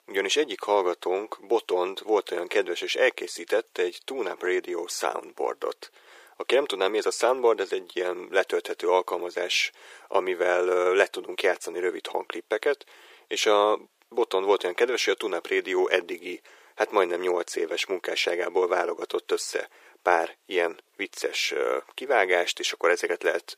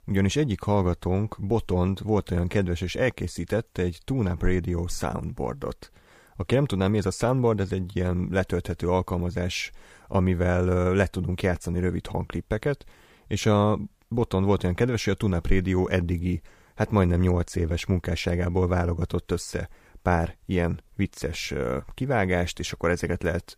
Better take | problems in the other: second | thin; very; fading below 350 Hz

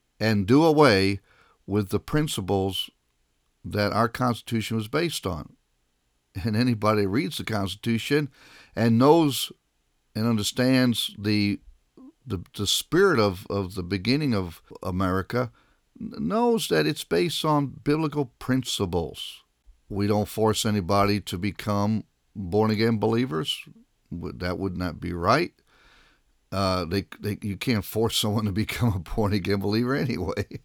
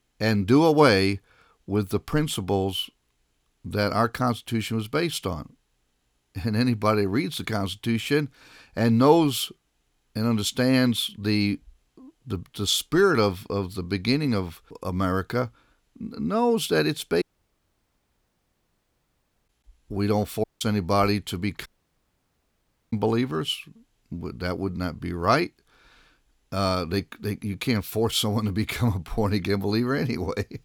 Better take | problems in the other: first | audio cutting out; at 17 s for 2.5 s, at 20 s and at 22 s for 1.5 s

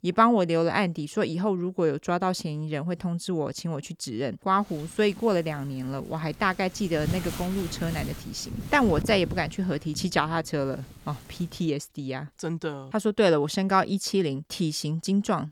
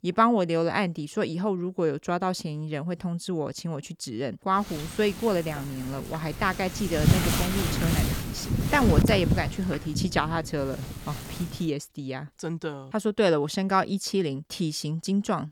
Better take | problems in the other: first | wind noise on the microphone; heavy; from 4.5 to 12 s; 6 dB below the speech; occasional gusts in the first

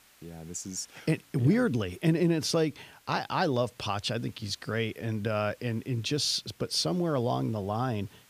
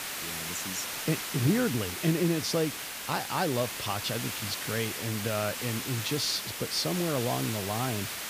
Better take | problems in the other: first | hiss; loud; throughout; 3 dB below the speech; faint in the first

